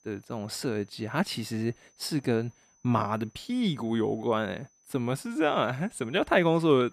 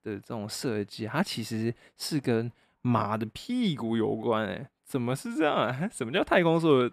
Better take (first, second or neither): second